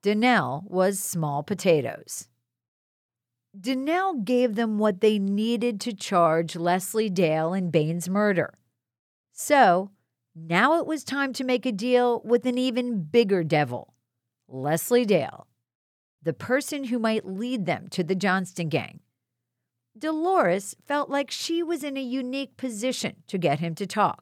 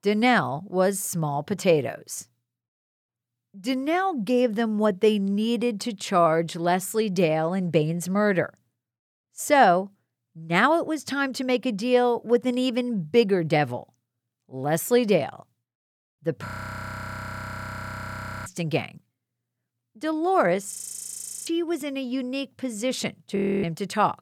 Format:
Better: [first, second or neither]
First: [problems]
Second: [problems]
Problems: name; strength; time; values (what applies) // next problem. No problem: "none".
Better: first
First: none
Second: audio freezing; at 16 s for 2 s, at 21 s for 0.5 s and at 23 s